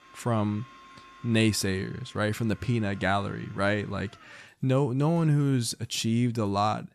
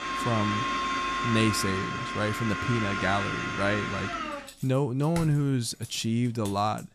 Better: first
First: household noises; faint; throughout; 25 dB below the speech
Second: household noises; loud; throughout; 2 dB below the speech

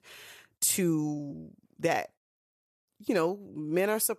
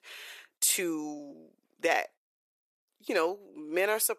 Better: first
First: none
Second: thin; somewhat; fading below 350 Hz

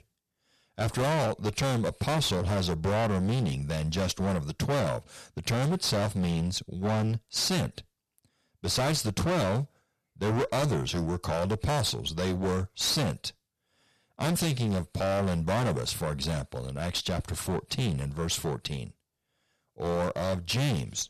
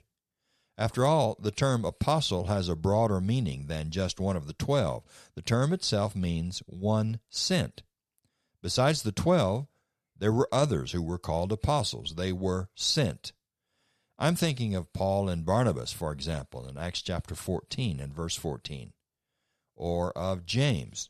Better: second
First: distortion; heavy; 21% of the sound clipped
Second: none

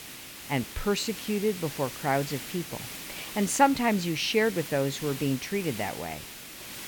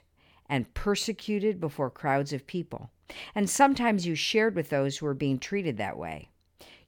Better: second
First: hiss; noticeable; throughout; 10 dB below the speech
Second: none

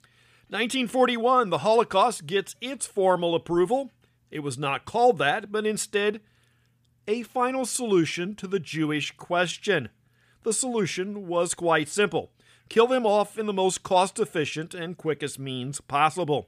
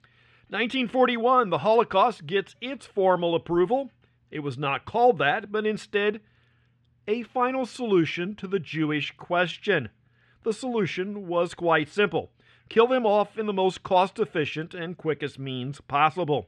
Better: first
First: none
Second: muffled; slightly; fading above 3 kHz

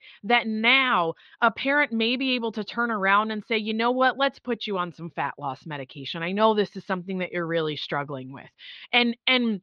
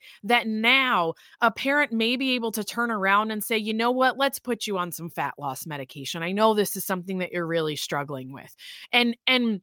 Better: second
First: muffled; very slightly; fading above 4 kHz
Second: none

